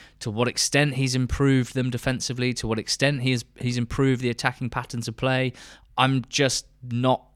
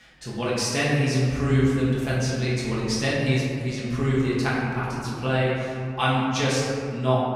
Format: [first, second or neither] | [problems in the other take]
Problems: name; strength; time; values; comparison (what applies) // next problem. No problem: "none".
first | room echo; strong; dies away in 2.1 s // off-mic speech; far